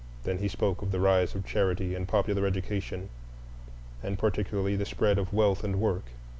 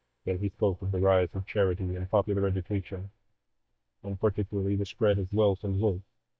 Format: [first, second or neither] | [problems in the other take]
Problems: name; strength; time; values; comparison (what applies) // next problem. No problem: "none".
first | noise reduction (neural mask model DeepFilterNet 3)